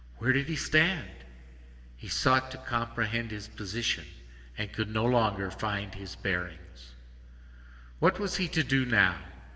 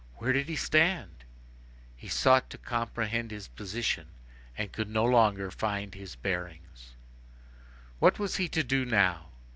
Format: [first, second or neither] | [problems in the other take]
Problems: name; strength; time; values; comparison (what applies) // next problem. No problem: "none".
second | room echo; dies away in 1.5 s